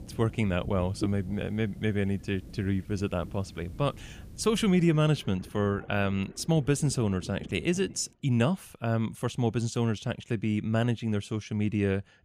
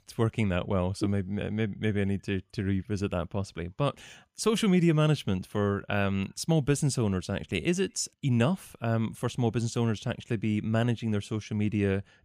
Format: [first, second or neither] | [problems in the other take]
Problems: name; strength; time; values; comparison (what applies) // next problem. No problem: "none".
second | rain or running water; noticeable; until 7.5 s; 20 dB below the speech